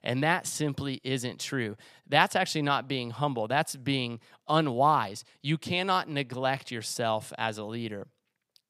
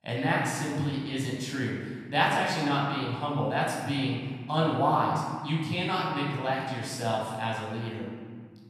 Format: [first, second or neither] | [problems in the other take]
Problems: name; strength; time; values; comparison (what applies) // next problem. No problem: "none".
first | off-mic speech; far // room echo; noticeable; dies away in 1.8 s